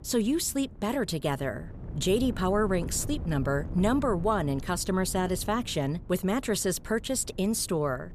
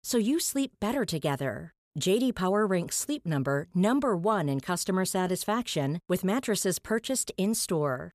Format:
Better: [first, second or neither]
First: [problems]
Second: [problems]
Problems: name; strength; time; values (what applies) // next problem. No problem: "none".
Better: second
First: wind noise on the microphone; occasional gusts; 20 dB below the speech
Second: none